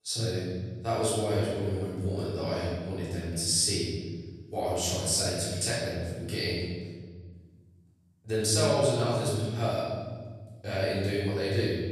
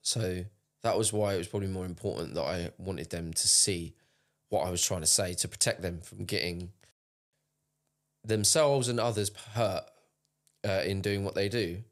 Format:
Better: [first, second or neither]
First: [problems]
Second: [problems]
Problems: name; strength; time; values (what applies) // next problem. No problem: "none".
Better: second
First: off-mic speech; far // room echo; strong; dies away in 1.7 s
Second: none